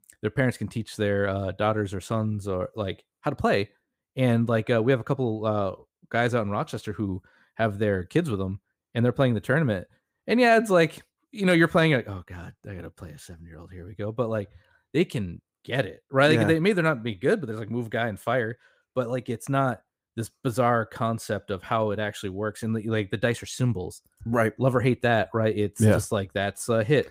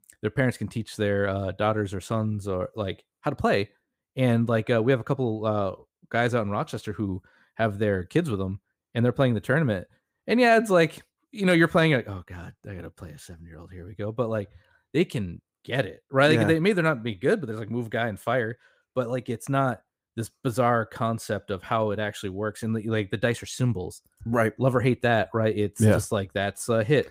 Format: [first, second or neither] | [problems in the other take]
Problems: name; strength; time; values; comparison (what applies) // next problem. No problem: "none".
neither | none